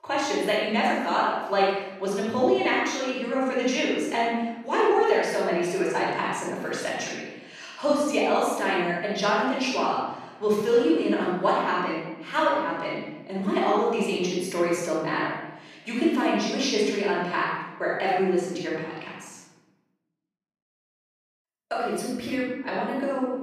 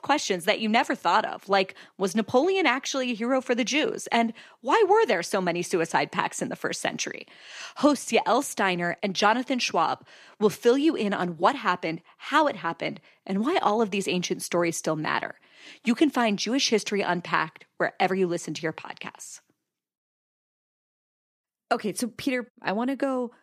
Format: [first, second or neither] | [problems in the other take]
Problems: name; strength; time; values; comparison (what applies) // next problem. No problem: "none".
second | off-mic speech; far // room echo; strong; dies away in 0.9 s